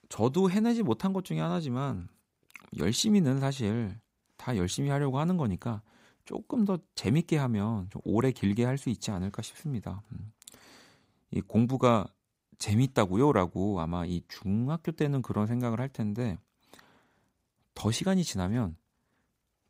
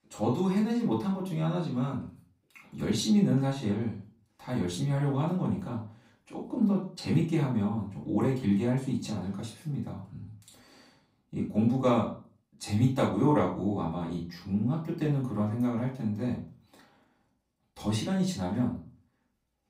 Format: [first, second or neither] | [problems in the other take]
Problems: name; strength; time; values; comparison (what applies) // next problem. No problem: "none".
first | off-mic speech; far // room echo; slight; dies away in 0.3 s